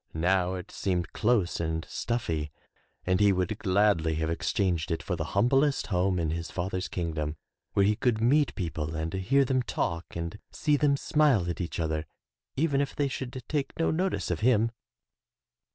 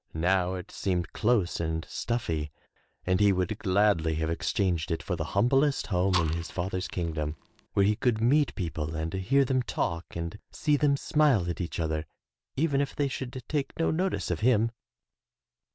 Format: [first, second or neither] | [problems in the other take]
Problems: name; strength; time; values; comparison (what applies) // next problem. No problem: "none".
first | background sound (Fire); 12 dB below the speech